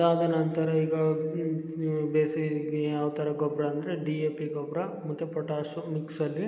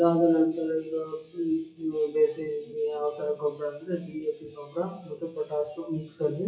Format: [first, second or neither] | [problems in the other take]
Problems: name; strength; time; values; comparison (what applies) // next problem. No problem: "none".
first | noise reduction (classical method WPE with log-MMSE)